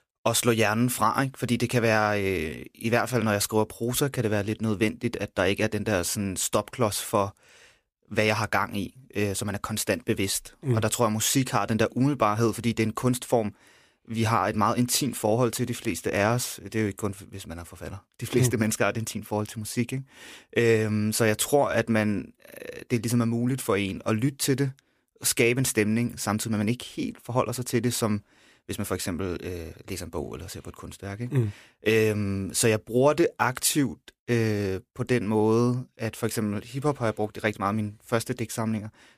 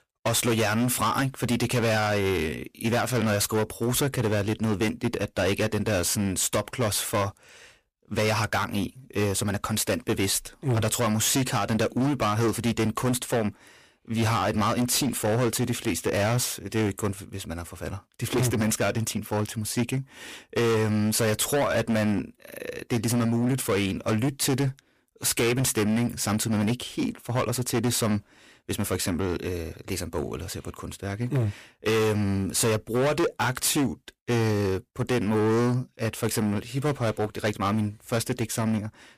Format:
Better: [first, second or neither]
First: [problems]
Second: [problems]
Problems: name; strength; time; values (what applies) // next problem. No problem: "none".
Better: first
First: none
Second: distortion; heavy; 15% of the sound clipped